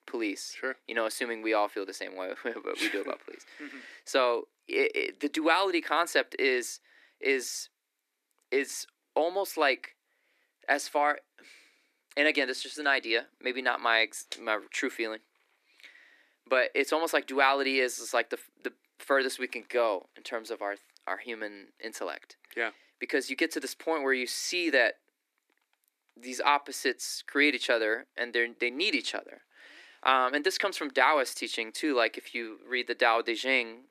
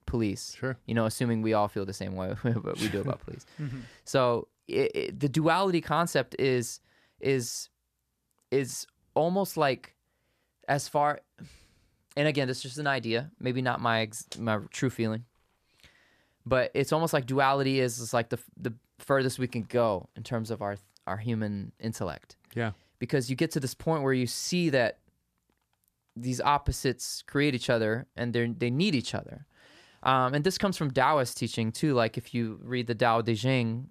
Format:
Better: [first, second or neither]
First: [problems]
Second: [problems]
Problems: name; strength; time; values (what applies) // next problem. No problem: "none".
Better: second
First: thin; somewhat; fading below 300 Hz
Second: none